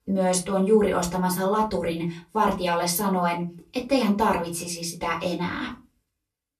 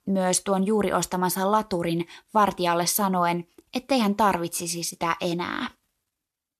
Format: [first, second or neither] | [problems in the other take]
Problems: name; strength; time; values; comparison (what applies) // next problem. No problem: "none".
second | off-mic speech; far // room echo; very slight; dies away in 0.3 s